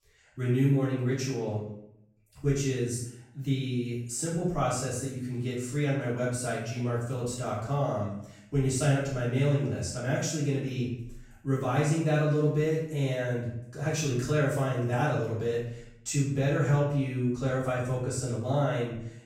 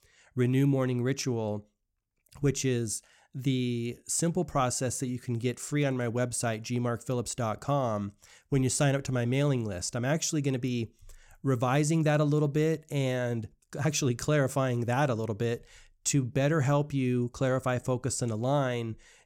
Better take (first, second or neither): second